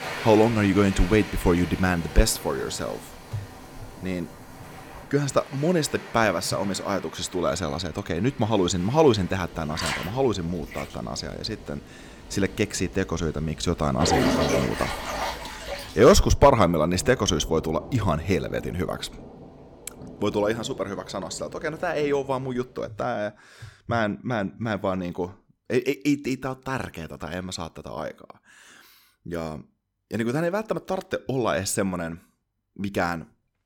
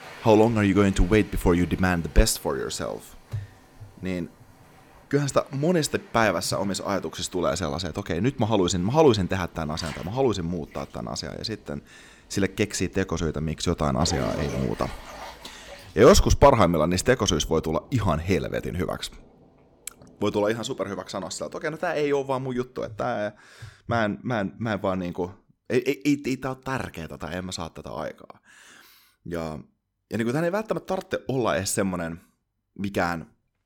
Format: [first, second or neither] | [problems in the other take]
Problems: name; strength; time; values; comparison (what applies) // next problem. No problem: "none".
second | rain or running water; loud; until 23 s; 10 dB below the speech; faint in the second